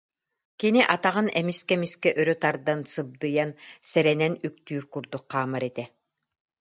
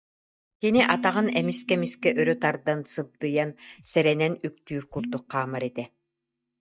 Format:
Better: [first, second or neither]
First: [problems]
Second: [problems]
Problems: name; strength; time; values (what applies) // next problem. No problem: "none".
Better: first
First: none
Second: noise reduction (neural mask model DeepFilterNet 3)